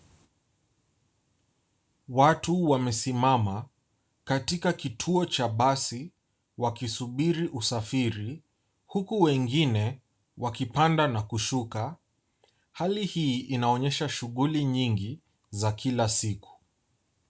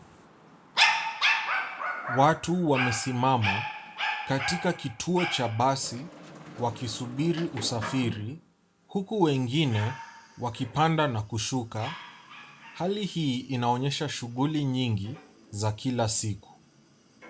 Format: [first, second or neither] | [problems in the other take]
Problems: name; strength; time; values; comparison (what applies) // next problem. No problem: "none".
first | background sound (Dog); 6 dB below the speech